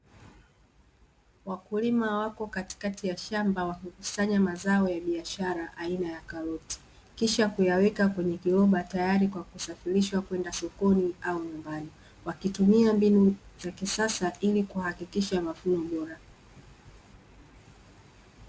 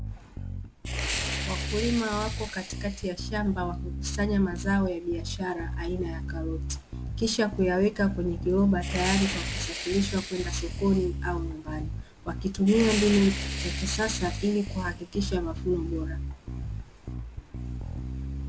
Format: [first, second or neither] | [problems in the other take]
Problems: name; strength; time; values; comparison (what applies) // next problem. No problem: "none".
first | background sound (Bass guitar + Fire); 4 dB below the speech